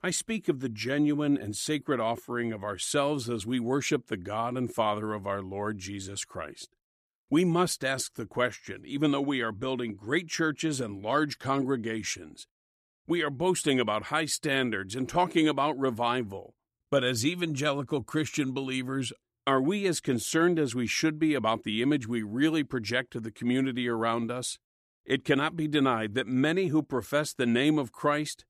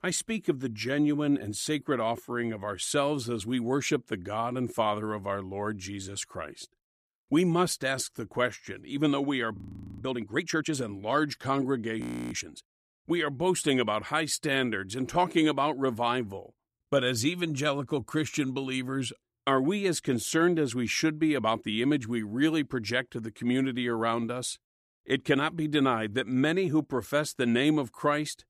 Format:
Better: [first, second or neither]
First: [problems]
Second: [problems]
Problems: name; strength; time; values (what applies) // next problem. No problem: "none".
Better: first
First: none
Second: audio freezing; at 9.5 s and at 12 s